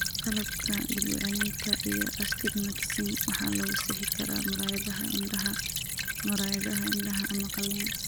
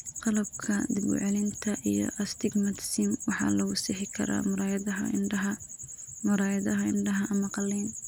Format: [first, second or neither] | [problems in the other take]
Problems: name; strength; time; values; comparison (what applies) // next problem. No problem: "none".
second | background sound (Stream / Trickle, dribble); 1 dB above the speech